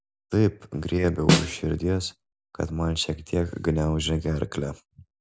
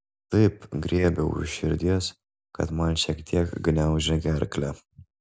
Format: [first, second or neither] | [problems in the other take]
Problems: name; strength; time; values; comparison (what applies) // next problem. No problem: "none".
second | background sound (Snare drum); 1 dB above the speech